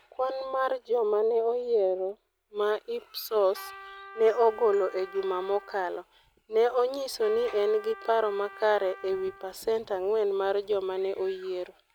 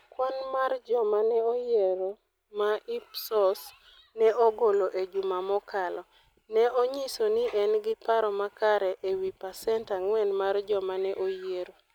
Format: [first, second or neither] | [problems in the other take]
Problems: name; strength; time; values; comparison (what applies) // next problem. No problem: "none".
second | background sound (Trumpet); 19 dB below the speech